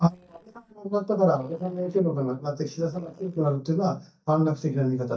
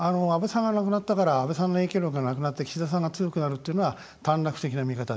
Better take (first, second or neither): second